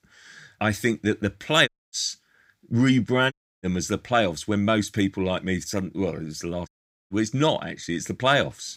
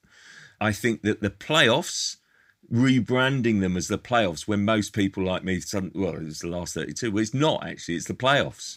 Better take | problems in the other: second | audio cutting out; at 1.5 s, at 3.5 s and at 6.5 s

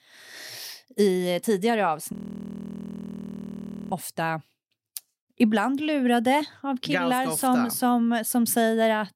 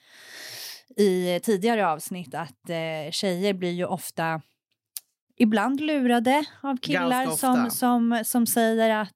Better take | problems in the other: second | audio freezing; at 2 s for 2 s

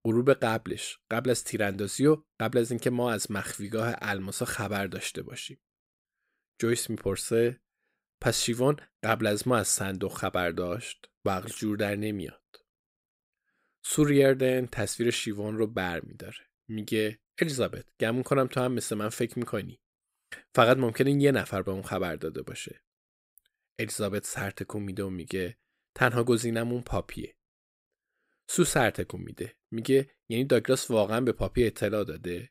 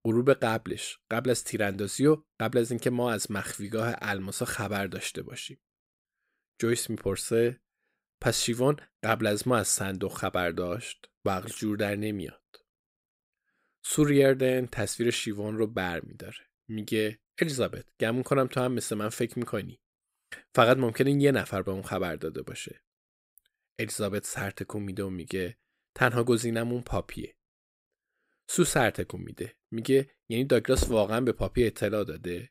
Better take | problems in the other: first | footsteps; noticeable; at 31 s; peak 5 dB below the speech

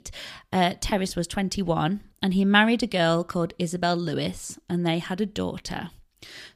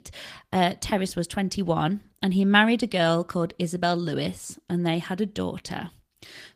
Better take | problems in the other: first | garbled, watery; slightly; nothing above 15 kHz

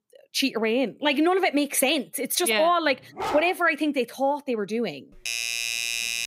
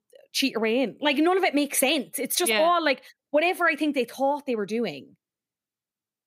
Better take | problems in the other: second | dog barking; noticeable; at 3 s; peak 7 dB below the speech // doorbell; noticeable; from 5 s on; peak 2 dB below the speech

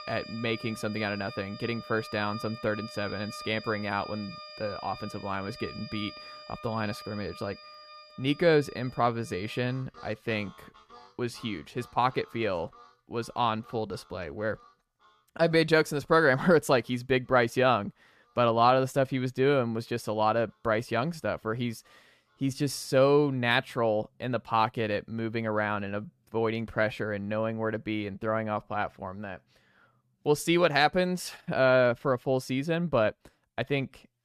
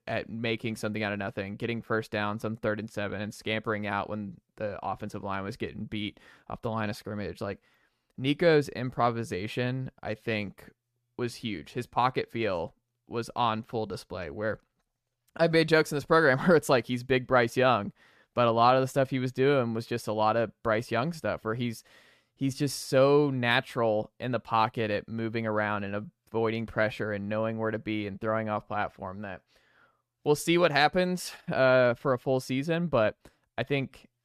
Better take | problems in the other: second | background music; noticeable; throughout; 15 dB below the speech

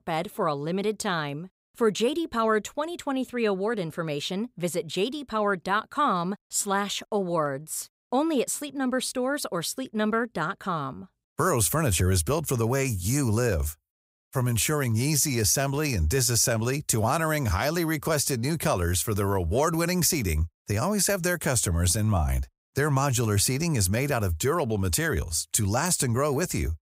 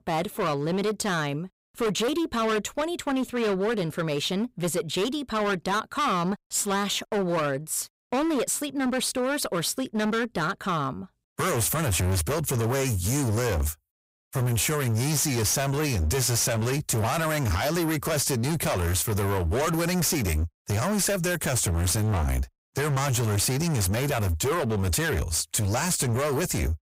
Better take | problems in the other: first | distortion; heavy; 28% of the sound clipped

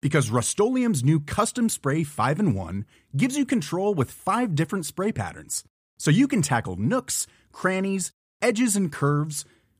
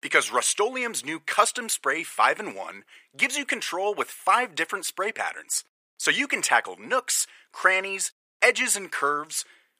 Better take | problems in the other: first | thin; very; fading below 500 Hz

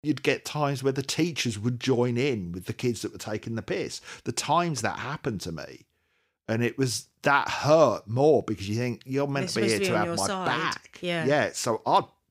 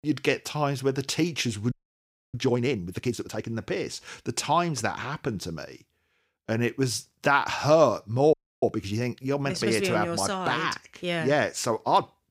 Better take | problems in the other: first | audio freezing; at 1.5 s for 0.5 s and at 8.5 s

